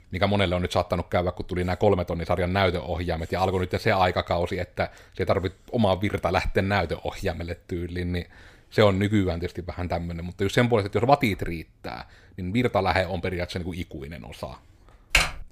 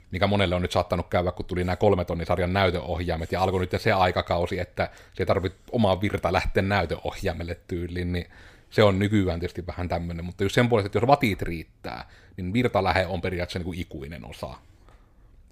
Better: second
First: keyboard typing; loud; at 15 s; peak 3 dB above the speech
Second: none

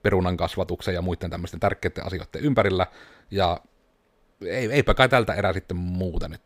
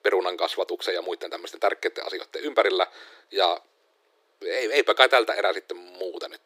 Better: first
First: none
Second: thin; very; fading below 350 Hz

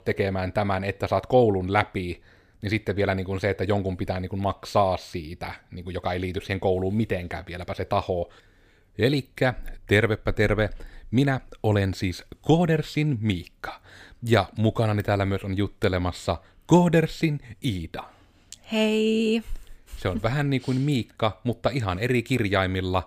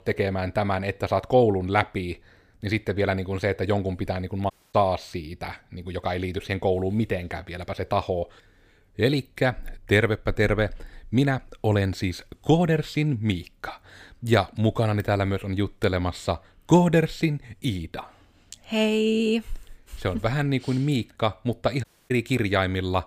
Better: first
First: none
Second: audio cutting out; at 4.5 s and at 22 s

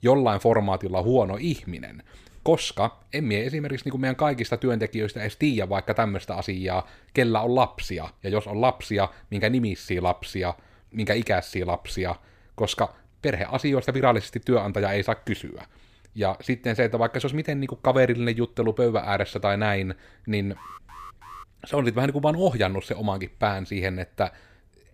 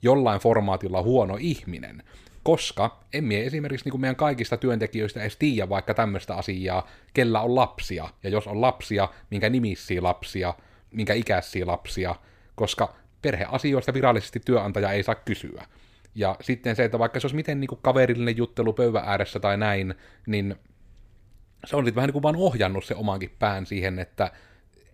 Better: second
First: alarm; faint; at 21 s; peak 15 dB below the speech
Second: none

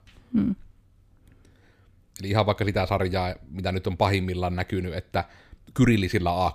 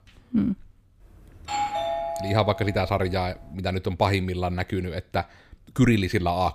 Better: first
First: none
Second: doorbell; noticeable; from 1.5 to 3 s; peak 1 dB below the speech

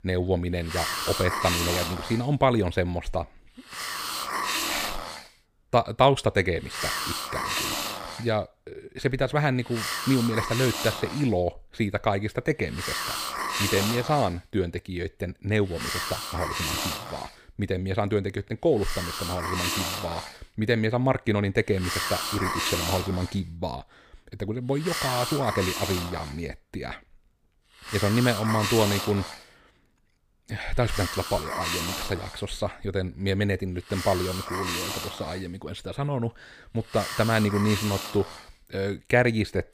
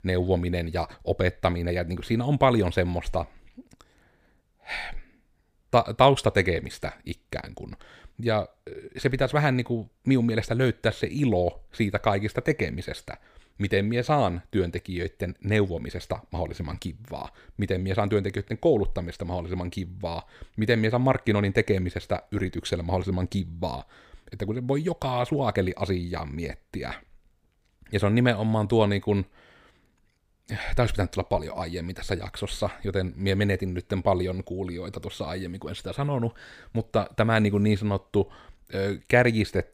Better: second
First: hiss; loud; throughout; 3 dB below the speech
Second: none

